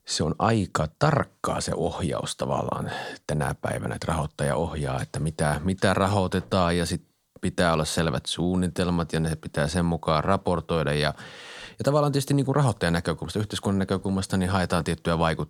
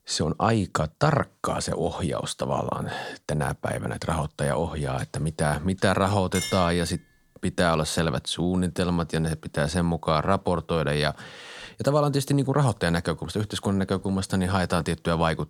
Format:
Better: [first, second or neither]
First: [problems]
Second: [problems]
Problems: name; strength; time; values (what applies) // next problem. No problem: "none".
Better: first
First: none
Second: clattering dishes; noticeable; at 6.5 s; peak 5 dB below the speech